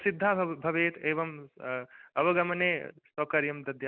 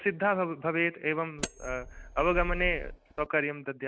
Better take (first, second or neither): first